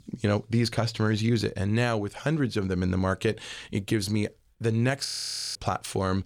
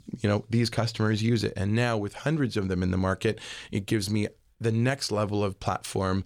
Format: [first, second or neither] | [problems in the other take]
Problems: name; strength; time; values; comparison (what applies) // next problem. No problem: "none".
second | audio freezing; at 5 s for 0.5 s